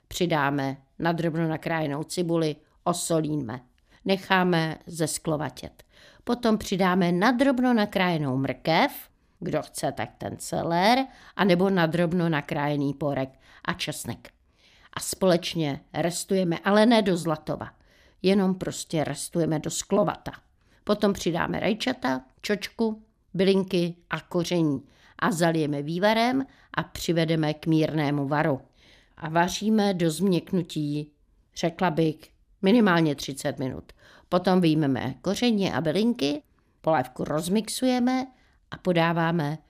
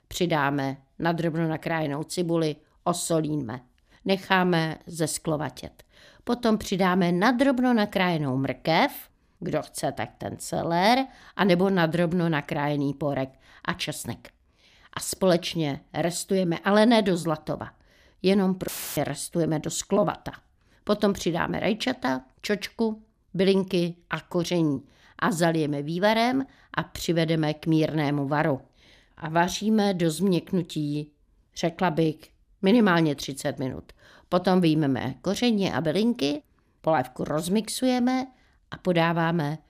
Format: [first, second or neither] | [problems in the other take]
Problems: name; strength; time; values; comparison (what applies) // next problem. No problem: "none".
first | audio cutting out; filled with static; at 19 s